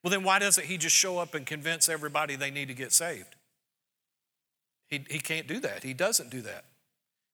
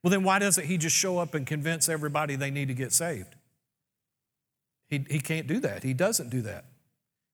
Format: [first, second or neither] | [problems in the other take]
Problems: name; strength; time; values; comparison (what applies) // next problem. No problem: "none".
second | thin; somewhat; fading below 1 kHz